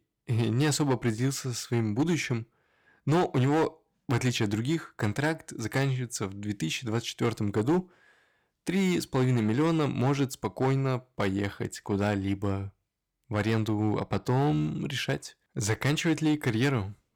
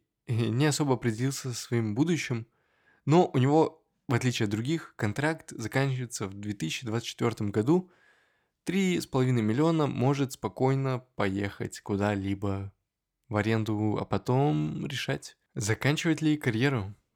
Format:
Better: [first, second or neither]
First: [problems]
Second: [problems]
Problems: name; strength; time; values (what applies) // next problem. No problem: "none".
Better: second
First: distortion; slight; 6% of the sound clipped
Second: none